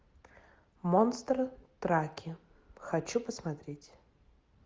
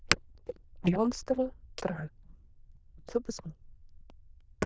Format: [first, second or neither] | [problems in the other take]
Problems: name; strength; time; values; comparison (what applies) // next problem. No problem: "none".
first | noise reduction (neural diffusion model UNIVERSE++)